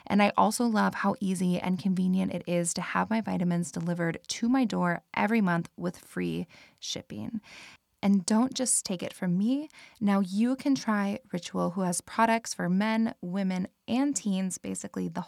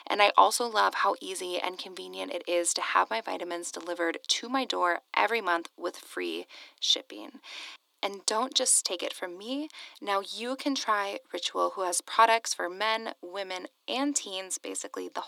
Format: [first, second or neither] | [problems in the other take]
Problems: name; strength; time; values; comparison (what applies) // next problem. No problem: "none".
first | thin; very; fading below 300 Hz